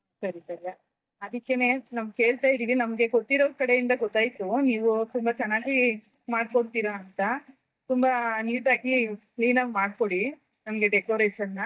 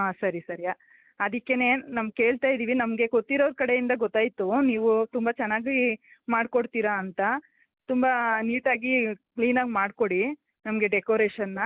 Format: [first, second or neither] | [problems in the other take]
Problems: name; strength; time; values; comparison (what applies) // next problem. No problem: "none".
second | noise reduction (neural mask model DeepFilterNet 3)